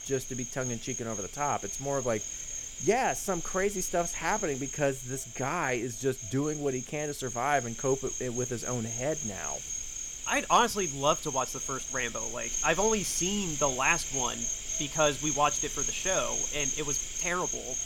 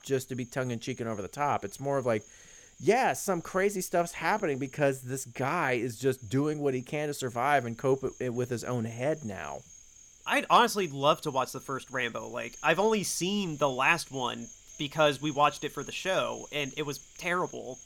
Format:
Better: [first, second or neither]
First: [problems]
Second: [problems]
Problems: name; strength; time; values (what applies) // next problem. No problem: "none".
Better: second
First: animal sounds; loud; throughout; 2 dB below the speech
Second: animal sounds; faint; throughout; 20 dB below the speech